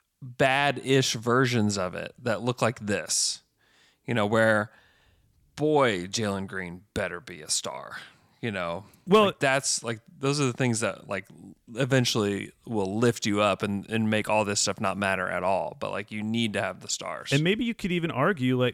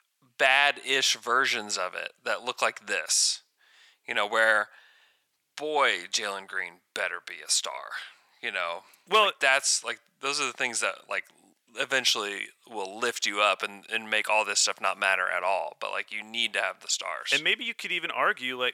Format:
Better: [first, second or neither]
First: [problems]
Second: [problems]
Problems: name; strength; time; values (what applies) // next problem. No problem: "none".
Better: first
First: none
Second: thin; very; fading below 700 Hz